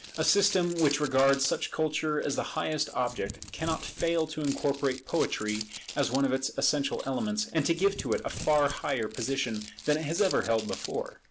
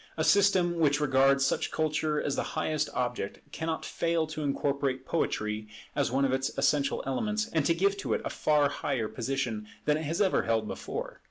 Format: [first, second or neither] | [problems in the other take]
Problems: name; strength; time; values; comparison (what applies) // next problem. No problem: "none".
second | background sound (Crumpling, crinkling); 14 dB below the speech